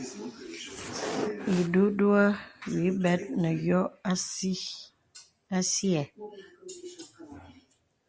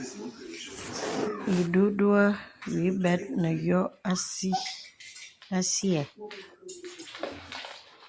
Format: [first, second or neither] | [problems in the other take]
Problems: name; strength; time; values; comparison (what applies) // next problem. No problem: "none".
first | background sound (Dog); 16 dB below the speech